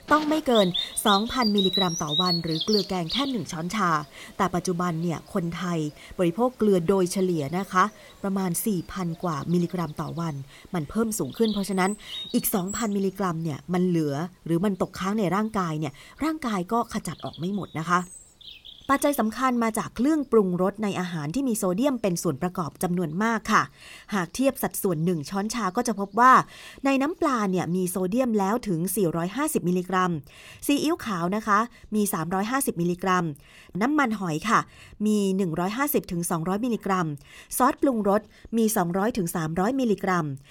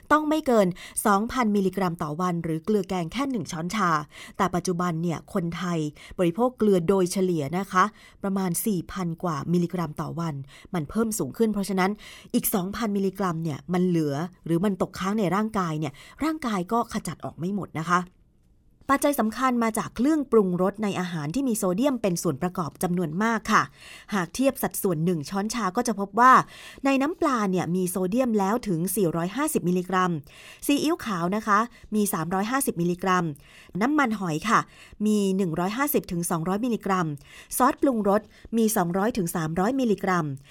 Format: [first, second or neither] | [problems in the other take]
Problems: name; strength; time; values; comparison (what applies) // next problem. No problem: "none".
second | animal sounds; loud; throughout; 4 dB below the speech